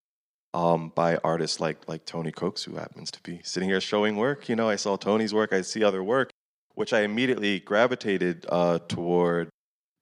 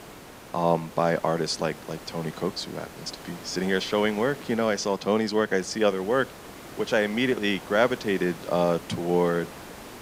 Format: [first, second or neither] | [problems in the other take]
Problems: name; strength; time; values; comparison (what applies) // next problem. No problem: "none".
first | hiss; noticeable; throughout; 15 dB below the speech